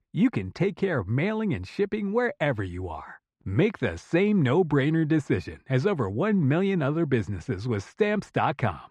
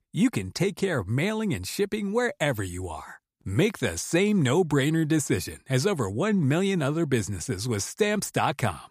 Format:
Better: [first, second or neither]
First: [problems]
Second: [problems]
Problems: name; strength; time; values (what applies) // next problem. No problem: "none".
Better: second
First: muffled; very; fading above 2.5 kHz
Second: none